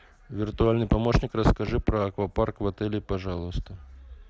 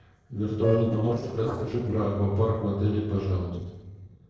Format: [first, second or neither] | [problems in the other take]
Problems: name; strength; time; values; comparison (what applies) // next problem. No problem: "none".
first | noise reduction (neural separator model SepFormer DNS4)